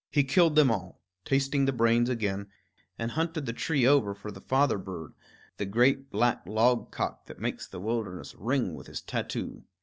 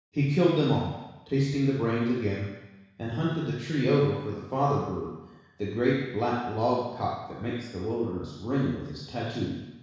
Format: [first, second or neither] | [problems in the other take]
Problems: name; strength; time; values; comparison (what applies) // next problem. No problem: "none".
first | room echo; dies away in 1.1 s